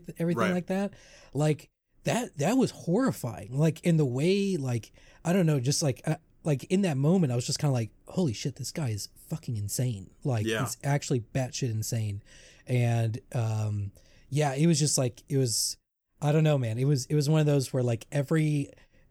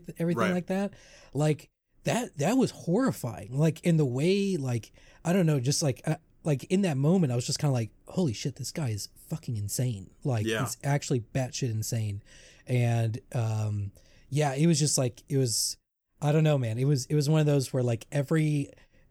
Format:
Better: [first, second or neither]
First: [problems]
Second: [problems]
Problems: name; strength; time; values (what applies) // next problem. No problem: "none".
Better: neither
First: none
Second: none